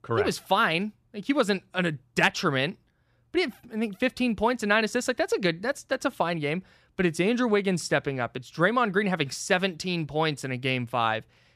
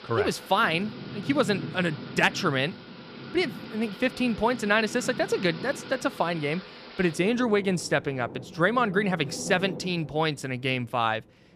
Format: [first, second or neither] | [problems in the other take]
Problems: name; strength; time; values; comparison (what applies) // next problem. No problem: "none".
first | rain or running water; noticeable; throughout; 15 dB below the speech